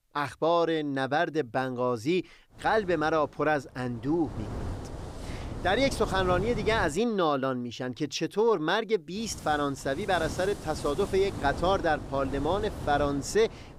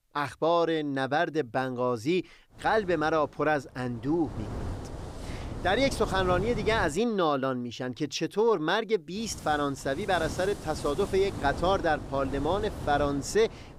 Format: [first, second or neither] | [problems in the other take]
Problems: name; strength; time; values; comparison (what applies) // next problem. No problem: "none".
neither | wind noise on the microphone; occasional gusts; from 2.5 to 7 s and from 9 s on; 15 dB below the speech; the same in both